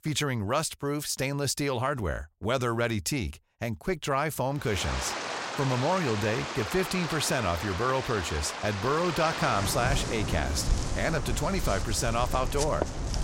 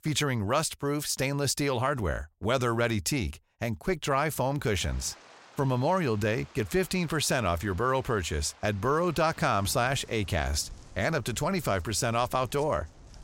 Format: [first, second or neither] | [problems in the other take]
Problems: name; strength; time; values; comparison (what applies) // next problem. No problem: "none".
second | rain or running water; loud; from 5 s on; 4 dB below the speech; faint in the second